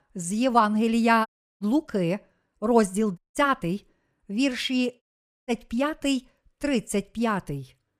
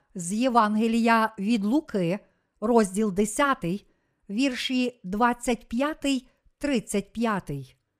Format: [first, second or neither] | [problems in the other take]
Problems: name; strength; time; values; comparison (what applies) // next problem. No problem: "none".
second | audio cutting out; at 1.5 s, at 3 s and at 5 s